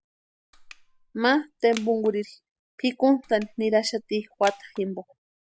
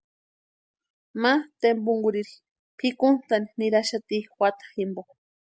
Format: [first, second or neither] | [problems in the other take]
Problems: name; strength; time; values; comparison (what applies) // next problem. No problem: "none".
second | background sound (Crushing); 20 dB below the speech